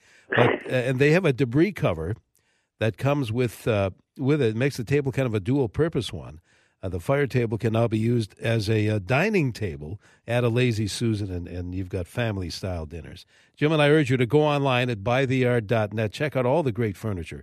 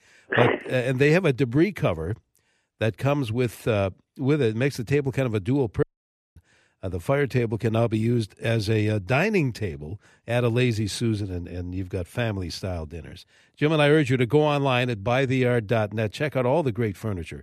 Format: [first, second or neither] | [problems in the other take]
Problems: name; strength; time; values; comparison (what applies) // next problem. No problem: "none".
first | audio cutting out; at 6 s for 0.5 s